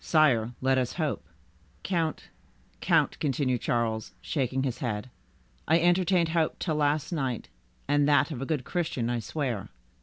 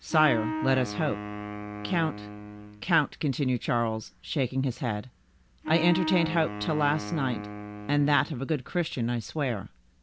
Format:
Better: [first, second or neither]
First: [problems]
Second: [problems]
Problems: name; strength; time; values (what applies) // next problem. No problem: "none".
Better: first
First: none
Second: background sound (Wind instrument, woodwind instrument); 7 dB below the speech